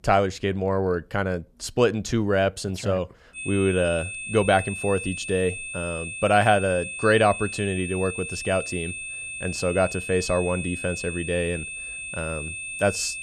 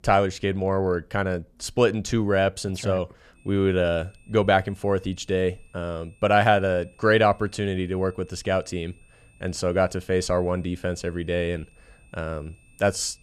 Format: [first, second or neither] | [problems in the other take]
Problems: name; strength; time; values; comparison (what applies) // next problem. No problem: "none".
second | high-pitched whine; loud; from 3.5 s on; 2.5 kHz, 7 dB below the speech; faint in the second